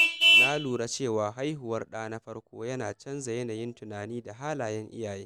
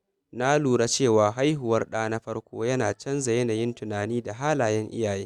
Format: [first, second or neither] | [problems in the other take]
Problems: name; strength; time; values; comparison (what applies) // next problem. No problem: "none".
second | background sound (Vehicle horn, car horn, honking); 4 dB above the speech